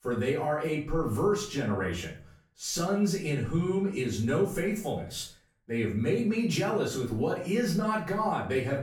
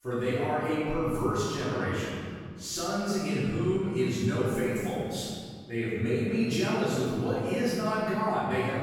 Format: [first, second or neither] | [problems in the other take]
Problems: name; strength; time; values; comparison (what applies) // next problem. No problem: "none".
first | room echo; strong; dies away in 1.9 s; slight in the first // off-mic speech; far; far in the first